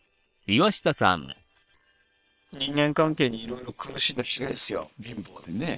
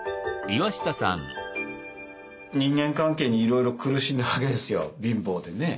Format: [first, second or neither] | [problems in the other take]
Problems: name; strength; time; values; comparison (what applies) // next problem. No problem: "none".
second | noise reduction (neural separator model SepFormer WHAM!)